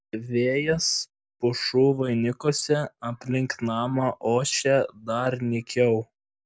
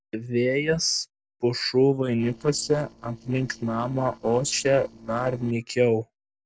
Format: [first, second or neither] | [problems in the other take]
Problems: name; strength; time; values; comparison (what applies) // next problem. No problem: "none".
first | noise reduction (neural separator model SepFormer DNS4)